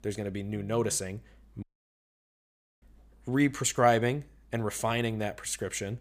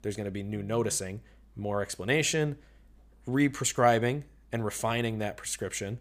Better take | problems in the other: second | audio cutting out; at 1.5 s for 1 s

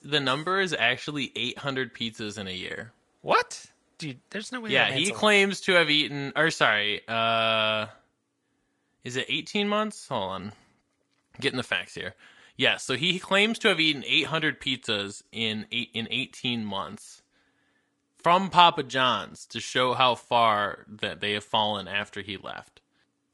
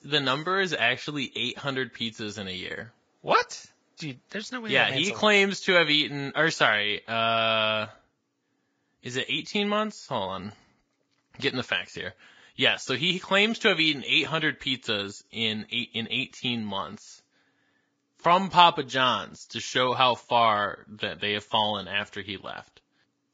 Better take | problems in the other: first | garbled, watery; badly; nothing above 7.5 kHz; slightly in the first

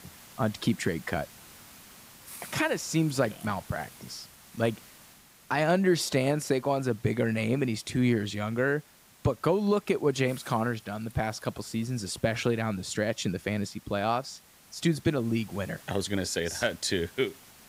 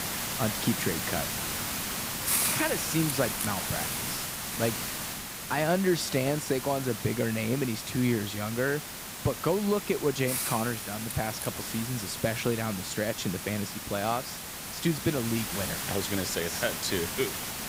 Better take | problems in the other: first | hiss; loud; throughout; 2 dB below the speech; faint in the first

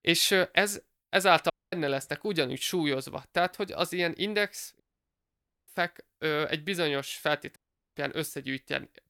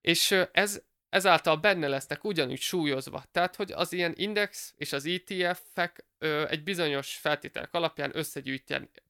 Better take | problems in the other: second | audio cutting out; at 1.5 s, at 5 s for 1 s and at 7.5 s

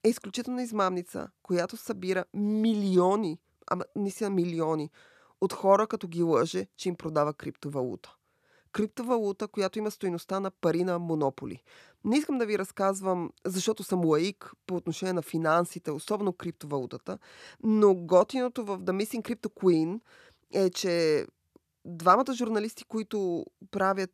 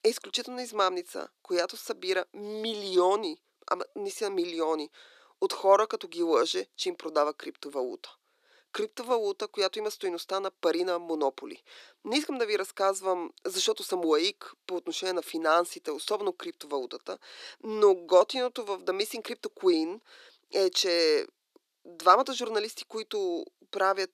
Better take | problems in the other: first | thin; somewhat; fading below 300 Hz

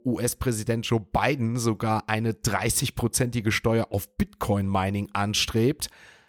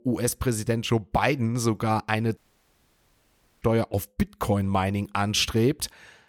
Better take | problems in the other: first | audio cutting out; at 2.5 s for 1.5 s

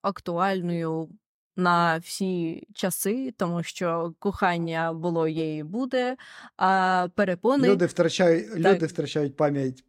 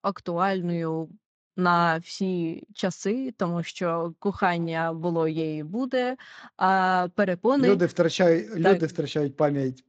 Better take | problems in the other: first | garbled, watery; slightly; nothing above 7.5 kHz

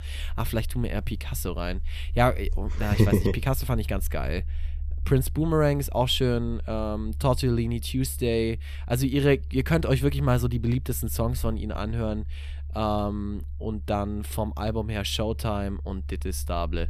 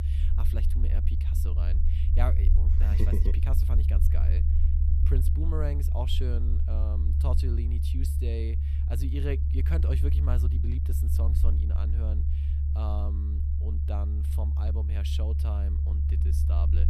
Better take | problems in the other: first | low rumble; loud; throughout; 2 dB below the speech; faint in the first

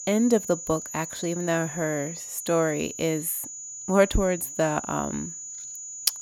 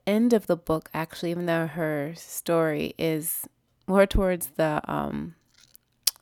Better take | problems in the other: second | high-pitched whine; loud; throughout; 7 kHz, 9 dB below the speech

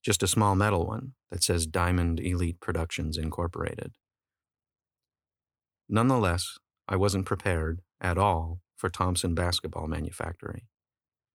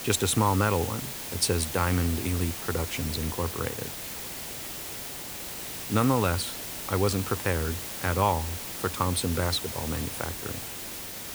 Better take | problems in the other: first | hiss; loud; throughout; 6 dB below the speech

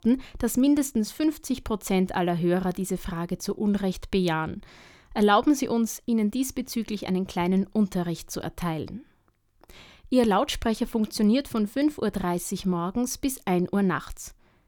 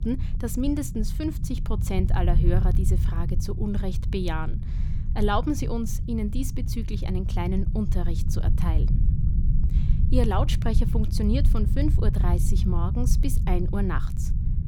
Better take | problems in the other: first | low rumble; loud; throughout; 9 dB below the speech

